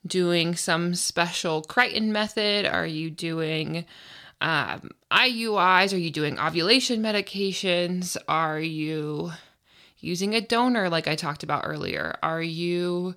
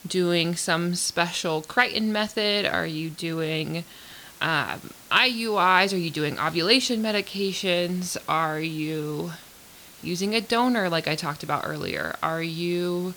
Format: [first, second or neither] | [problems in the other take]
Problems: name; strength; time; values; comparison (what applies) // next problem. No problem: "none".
first | hiss; faint; throughout; 20 dB below the speech